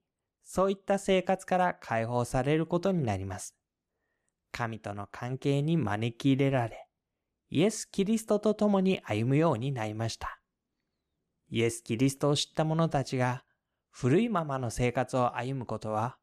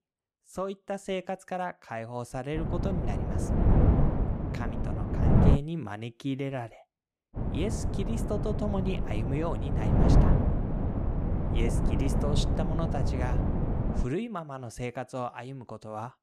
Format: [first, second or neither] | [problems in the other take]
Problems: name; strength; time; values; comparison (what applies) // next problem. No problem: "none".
first | wind noise on the microphone; heavy; from 2.5 to 5.5 s and from 7.5 to 14 s; 1 dB above the speech